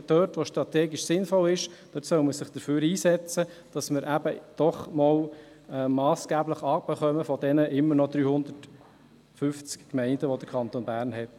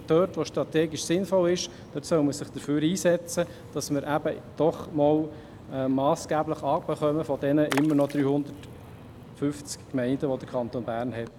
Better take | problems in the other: first | background sound (Splash, splatter); 17 dB below the speech

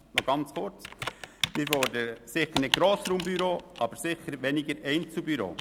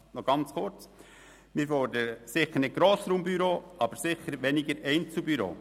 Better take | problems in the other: second | background sound (Computer keyboard); 7 dB below the speech

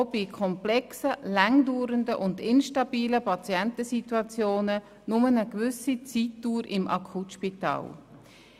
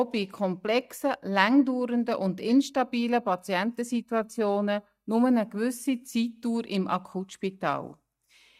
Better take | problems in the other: first | noise reduction (neural mask model DeepFilterNet 3)

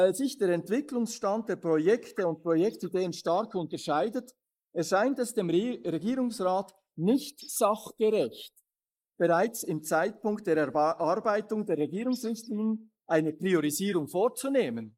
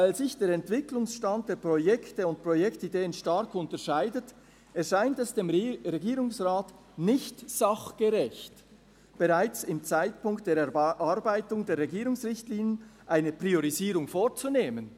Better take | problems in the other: second | noise reduction (neural mask model Resemble Enhance denoiser)

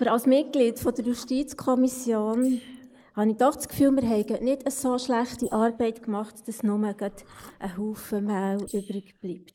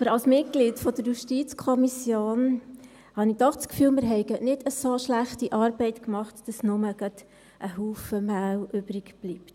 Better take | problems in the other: second | noise reduction (neural mask model Resemble Enhance denoiser)

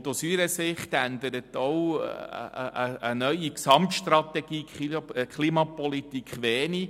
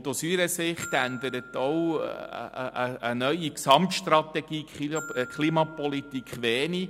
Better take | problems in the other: first | background sound (Glockenspiel); 19 dB below the speech

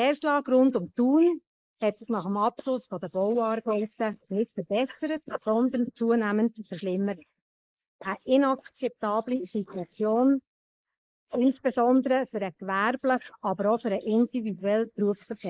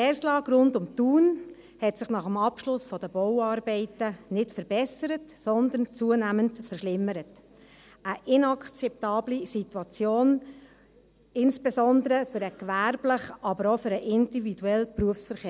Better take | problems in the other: second | noise reduction (neural mask model Resemble Enhance denoiser)

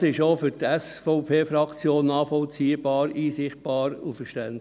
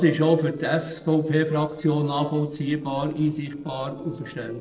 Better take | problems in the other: first | noise reduction (neural separator model SepFormer DNS4)

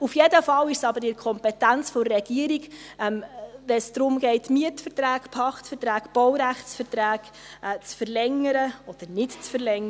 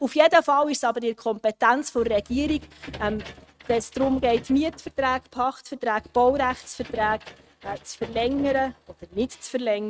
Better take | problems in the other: first | noise reduction (neural mask model RNNoise)

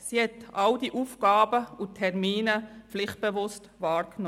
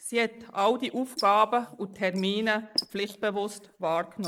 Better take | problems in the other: first | noise reduction (neural mask model Resemble Enhance denoiser)

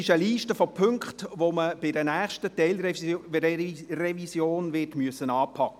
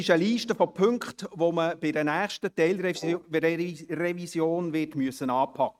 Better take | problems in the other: first | noise reduction (neural mask model RNNoise)

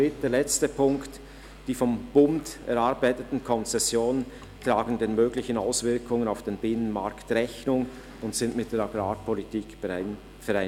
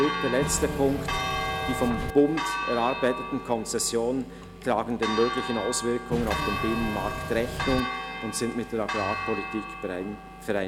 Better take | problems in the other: first | background sound (Engine / Mechanisms + Church bell); 4 dB below the speech

